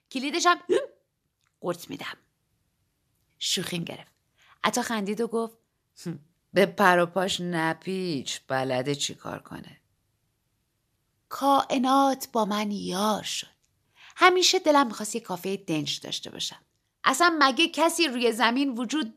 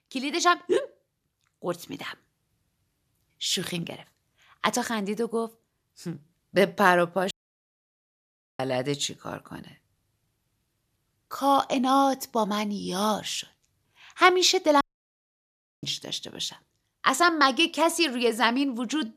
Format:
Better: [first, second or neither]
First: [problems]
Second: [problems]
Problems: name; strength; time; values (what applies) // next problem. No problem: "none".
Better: first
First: none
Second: audio cutting out; at 7.5 s for 1.5 s and at 15 s for 1 s